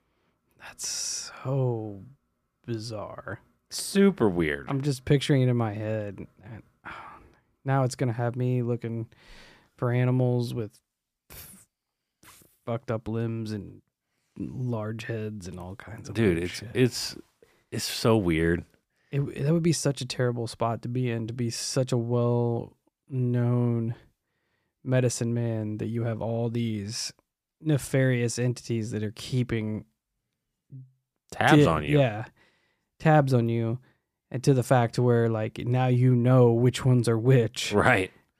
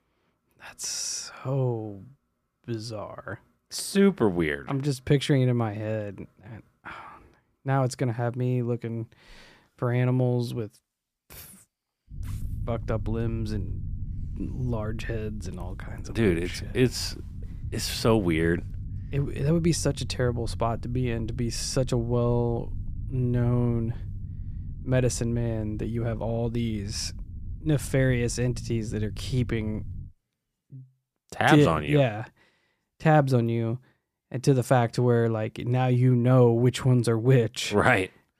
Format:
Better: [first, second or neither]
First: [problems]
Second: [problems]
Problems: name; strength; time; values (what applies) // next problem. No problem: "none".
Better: first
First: none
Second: low rumble; faint; from 12 to 30 s; 25 dB below the speech